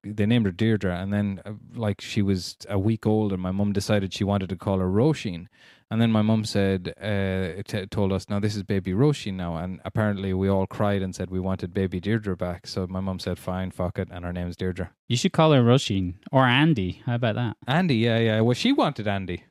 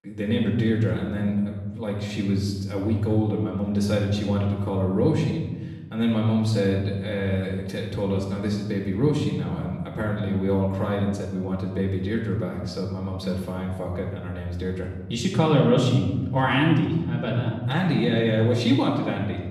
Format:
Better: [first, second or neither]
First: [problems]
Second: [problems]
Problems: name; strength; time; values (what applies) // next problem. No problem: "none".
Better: first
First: none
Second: off-mic speech; far // room echo; noticeable; dies away in 1.2 s